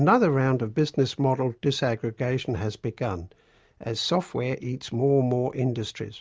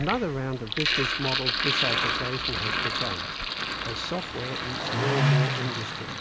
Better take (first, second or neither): first